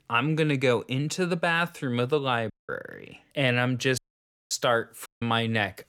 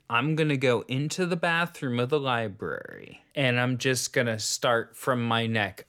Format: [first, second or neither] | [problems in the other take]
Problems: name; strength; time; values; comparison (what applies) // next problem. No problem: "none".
second | audio cutting out; at 2.5 s, at 4 s for 0.5 s and at 5 s